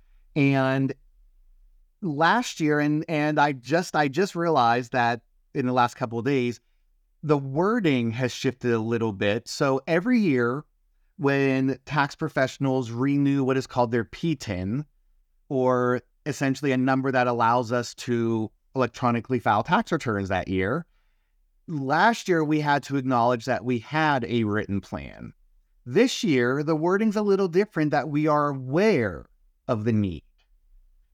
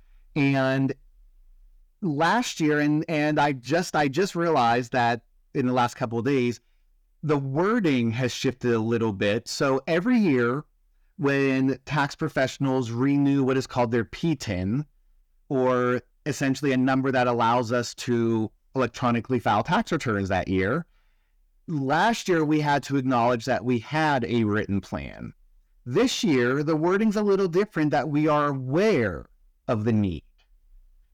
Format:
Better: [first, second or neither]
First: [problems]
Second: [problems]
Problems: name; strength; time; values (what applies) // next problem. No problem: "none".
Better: first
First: none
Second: distortion; slight; 10 dB below the speech